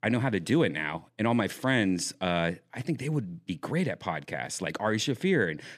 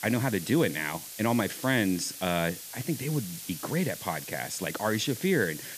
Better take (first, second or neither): first